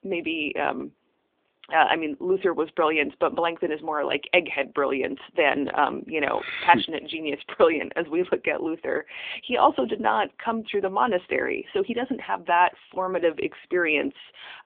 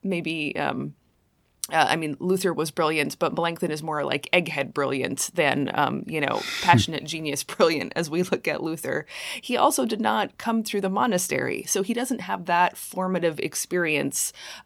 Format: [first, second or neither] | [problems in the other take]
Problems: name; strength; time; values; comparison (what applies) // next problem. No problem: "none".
second | phone-call audio